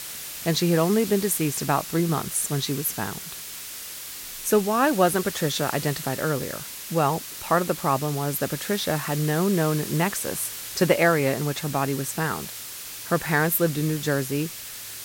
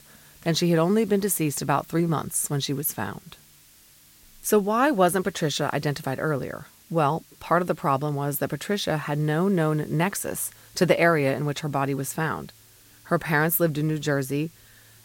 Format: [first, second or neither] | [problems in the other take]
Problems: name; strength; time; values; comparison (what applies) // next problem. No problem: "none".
second | hiss; loud; throughout; 9 dB below the speech; faint in the second